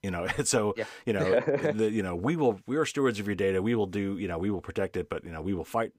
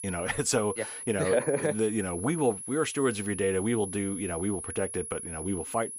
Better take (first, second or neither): first